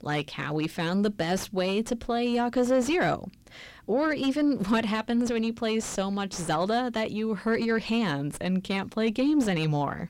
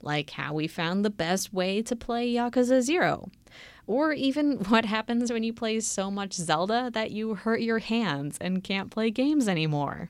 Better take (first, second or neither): second